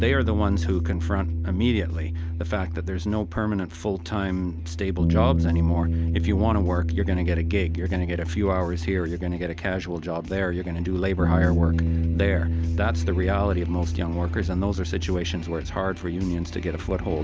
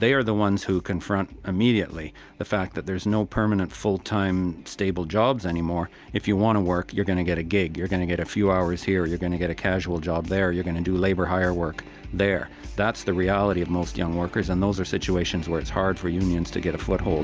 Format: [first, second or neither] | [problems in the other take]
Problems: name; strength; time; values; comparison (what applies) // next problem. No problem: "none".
second | background sound (Bass guitar); 1 dB above the speech